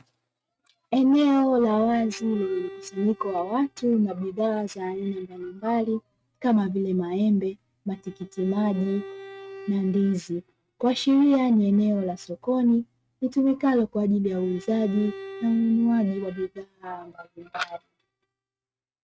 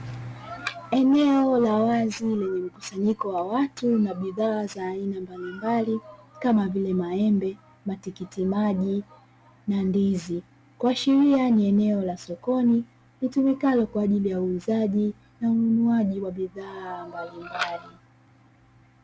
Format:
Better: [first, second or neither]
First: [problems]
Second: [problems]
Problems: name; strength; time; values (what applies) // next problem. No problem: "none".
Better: second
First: noise reduction (neural mask model RNNoise)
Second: none